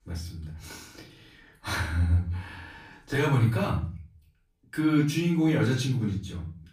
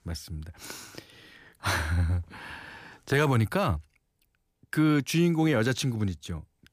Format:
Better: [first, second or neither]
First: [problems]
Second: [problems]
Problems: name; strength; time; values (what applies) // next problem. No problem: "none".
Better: second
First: off-mic speech; far // room echo; slight; dies away in 0.4 s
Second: none